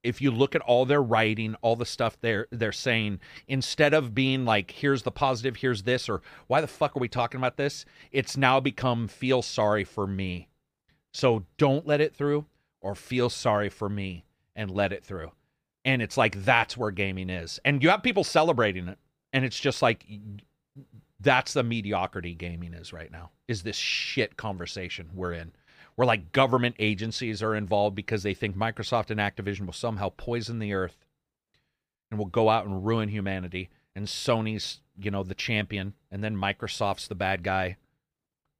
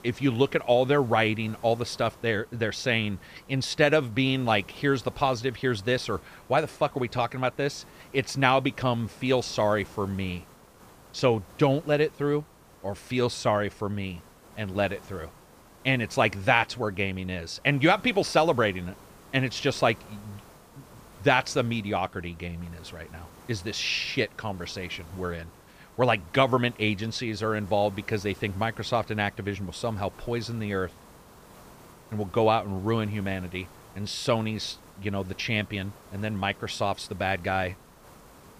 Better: first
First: none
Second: hiss; faint; throughout; 25 dB below the speech

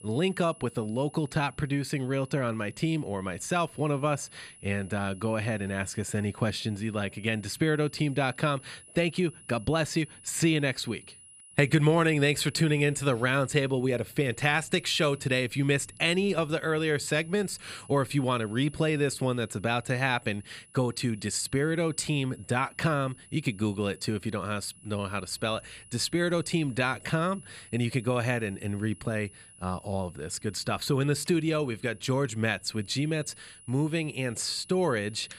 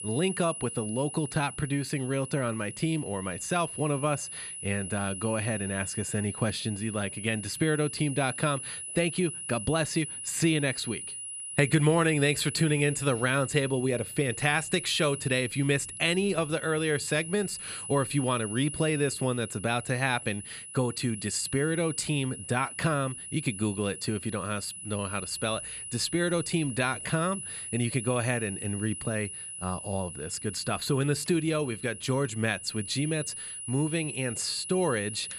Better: first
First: high-pitched whine; faint; throughout; 10 kHz, 20 dB below the speech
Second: high-pitched whine; loud; throughout; 10 kHz, 8 dB below the speech

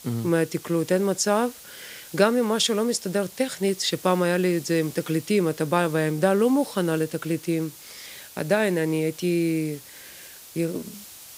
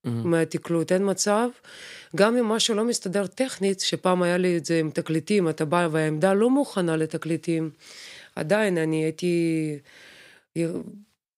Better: second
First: hiss; noticeable; throughout; 20 dB below the speech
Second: none

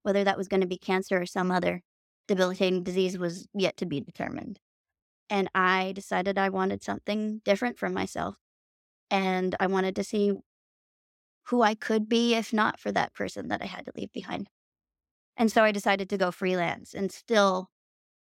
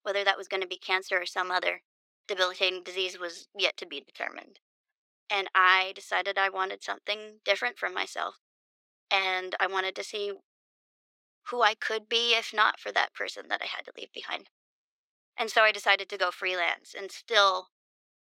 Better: first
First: none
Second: thin; very; fading below 400 Hz

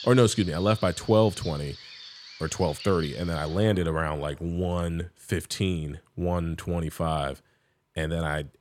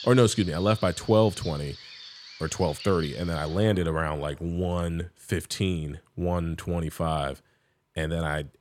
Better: neither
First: animal sounds; noticeable; until 4 s; 15 dB below the speech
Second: animal sounds; noticeable; until 4 s; 15 dB below the speech

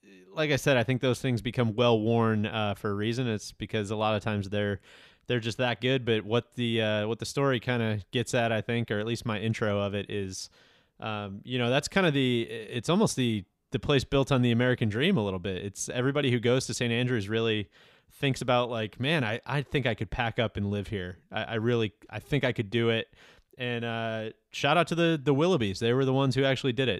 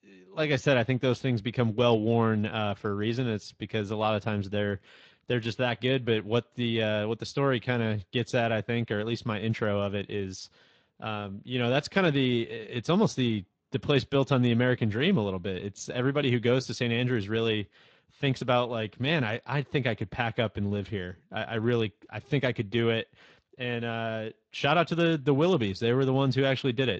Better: first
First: none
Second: garbled, watery; slightly; nothing above 7.5 kHz

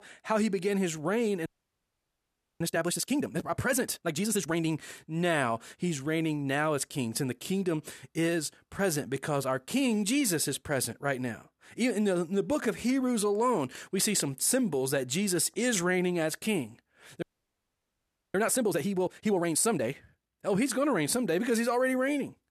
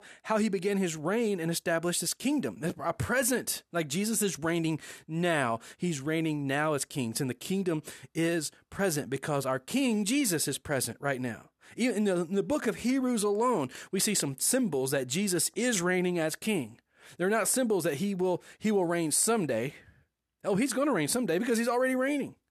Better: second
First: audio freezing; at 1.5 s for 1 s and at 17 s for 1 s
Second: none

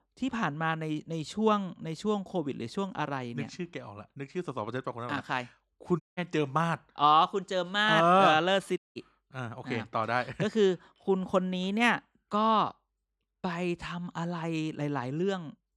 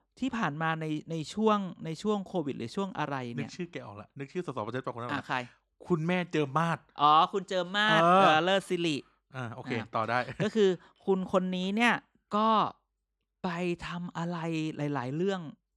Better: second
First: audio cutting out; at 6 s and at 9 s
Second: none

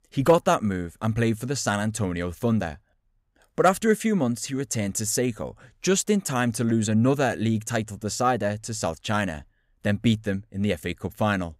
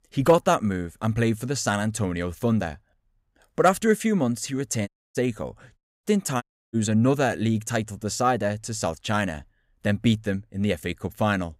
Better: first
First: none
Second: audio cutting out; at 5 s, at 6 s and at 6.5 s

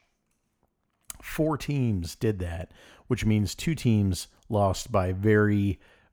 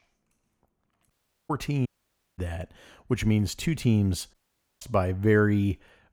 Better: first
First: none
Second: audio cutting out; at 1 s, at 2 s for 0.5 s and at 4.5 s

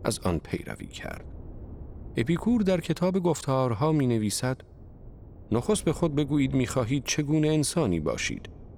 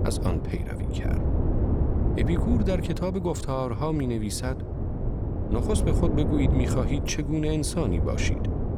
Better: first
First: wind noise on the microphone; occasional gusts; 25 dB below the speech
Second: wind noise on the microphone; heavy; 4 dB below the speech

